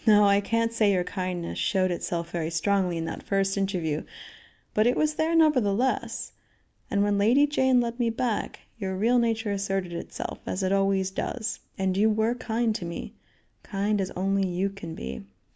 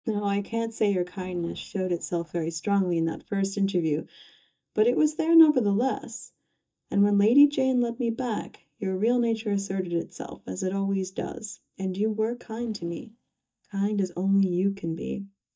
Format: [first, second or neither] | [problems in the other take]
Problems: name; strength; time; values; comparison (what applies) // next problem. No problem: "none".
first | noise reduction (neural mask model DeepFilterNet 3)